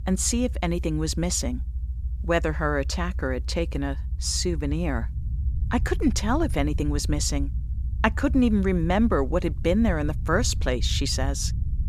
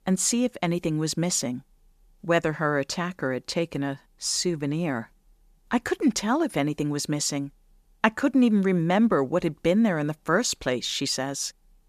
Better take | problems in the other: second | low rumble; faint; throughout; 20 dB below the speech

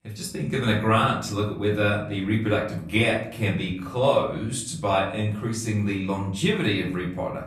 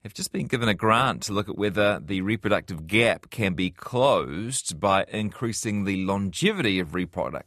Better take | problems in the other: second | off-mic speech; far // room echo; slight; dies away in 0.5 s

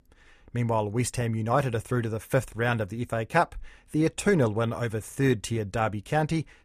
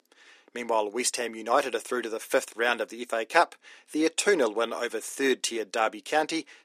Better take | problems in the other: first | thin; somewhat; fading below 300 Hz

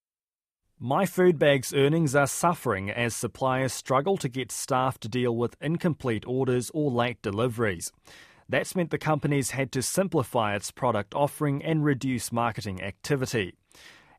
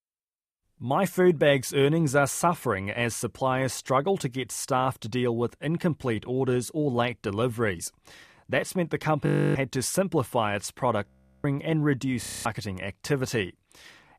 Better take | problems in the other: first | audio freezing; at 9.5 s, at 11 s and at 12 s

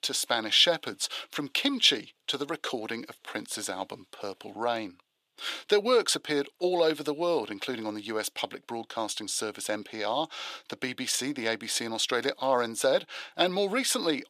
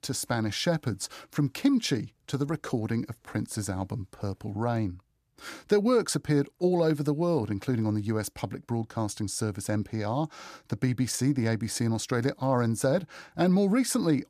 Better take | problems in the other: second | thin; somewhat; fading below 500 Hz

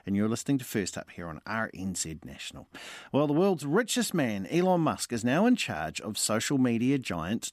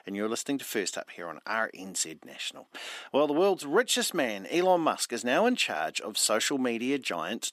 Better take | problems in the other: first | thin; somewhat; fading below 450 Hz

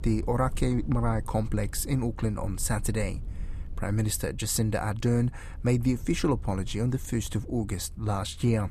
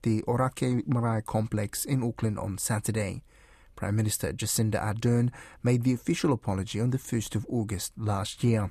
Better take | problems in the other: second | low rumble; faint; throughout; 25 dB below the speech

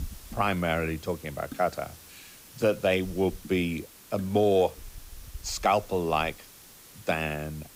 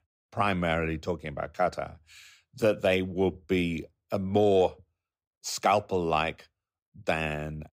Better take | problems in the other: second | hiss; noticeable; throughout; 20 dB below the speech

